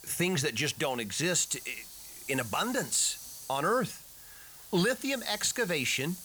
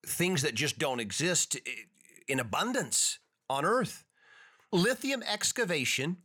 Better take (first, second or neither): second